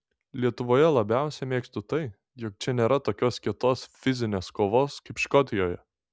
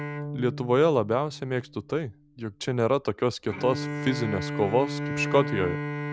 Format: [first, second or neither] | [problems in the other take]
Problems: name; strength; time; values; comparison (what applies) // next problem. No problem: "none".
first | background sound (Bowed string instrument); 7 dB below the speech